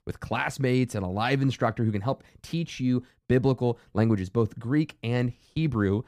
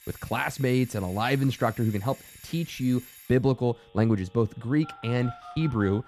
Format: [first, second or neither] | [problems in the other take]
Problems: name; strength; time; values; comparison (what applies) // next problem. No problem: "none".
first | alarms or sirens; noticeable; throughout; 20 dB below the speech